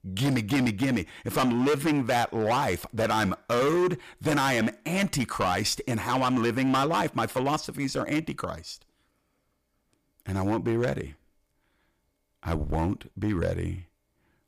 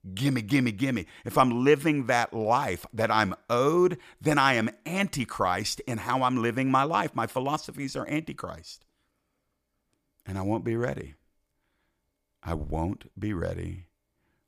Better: second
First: distortion; heavy; 11% of the sound clipped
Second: none

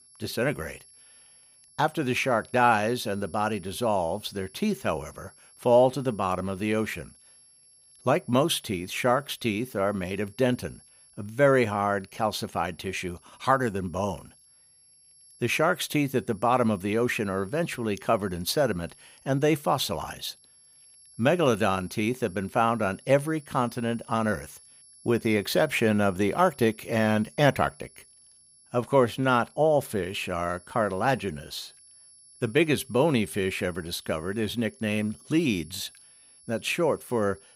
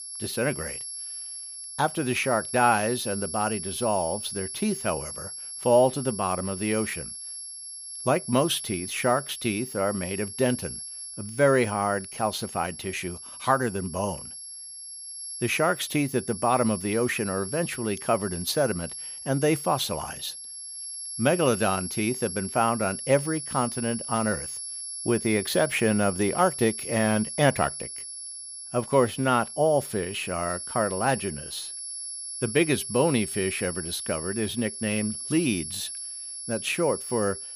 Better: first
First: high-pitched whine; faint; throughout; 11 kHz, 25 dB below the speech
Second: high-pitched whine; loud; throughout; 11 kHz, 8 dB below the speech

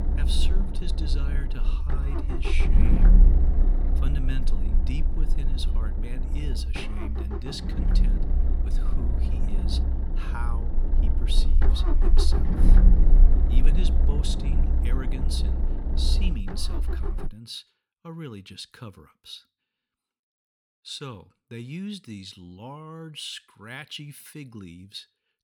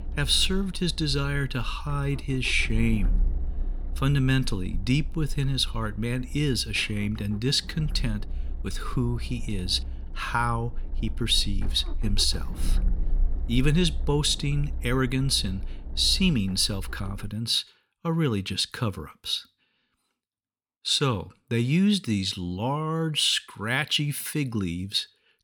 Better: second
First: low rumble; loud; until 17 s; 2 dB below the speech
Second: low rumble; faint; until 17 s; 25 dB below the speech

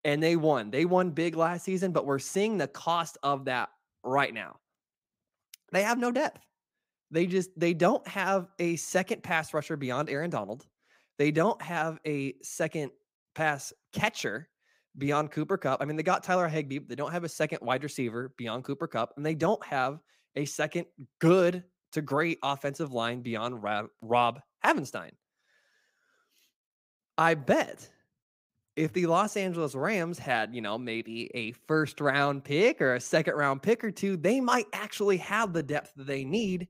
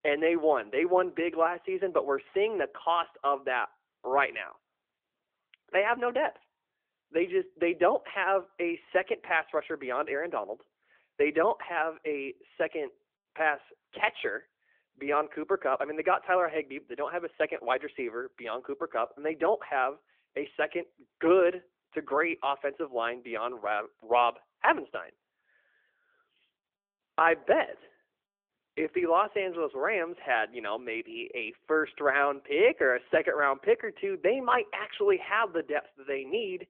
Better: first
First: none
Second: phone-call audio

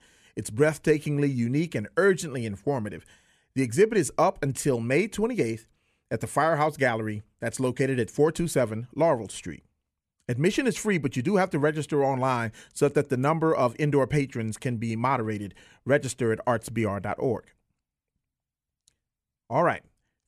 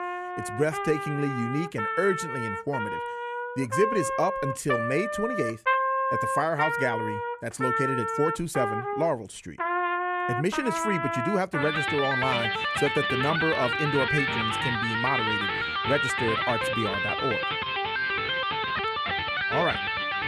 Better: first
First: none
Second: background music; very loud; throughout; 2 dB above the speech

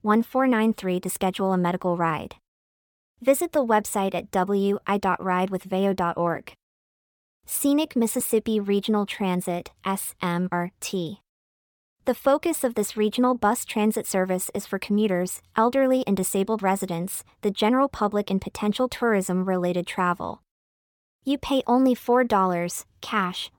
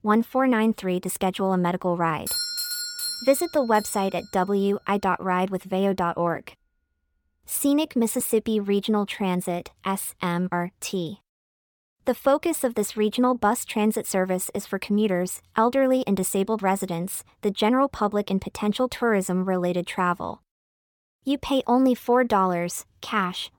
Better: first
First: none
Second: doorbell; noticeable; from 2.5 to 4 s; peak 1 dB below the speech

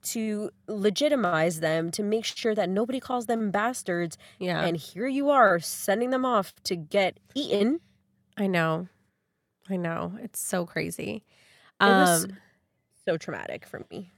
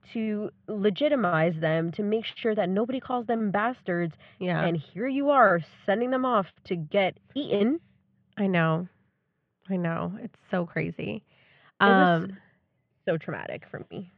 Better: first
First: none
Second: muffled; very; fading above 3 kHz

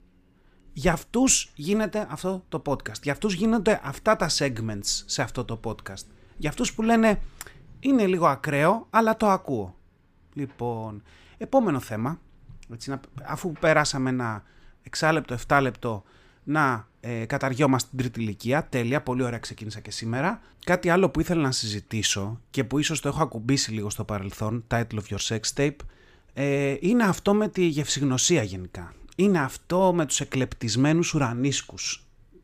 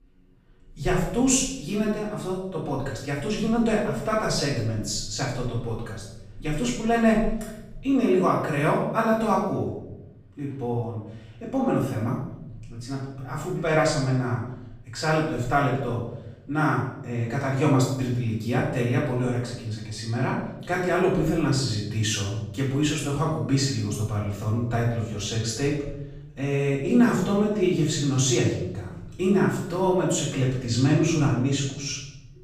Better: first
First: none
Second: room echo; noticeable; dies away in 0.9 s // off-mic speech; far

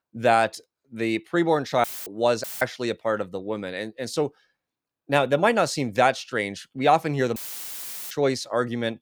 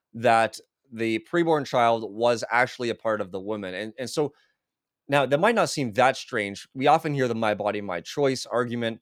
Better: second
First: audio cutting out; filled with static; at 2 s, at 2.5 s and at 7.5 s for 0.5 s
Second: none

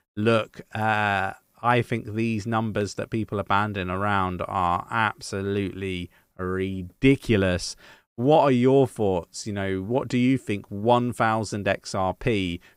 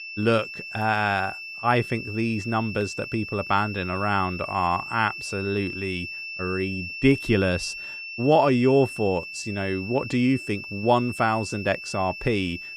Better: first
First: none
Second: high-pitched whine; loud; throughout; 2.5 kHz, 9 dB below the speech

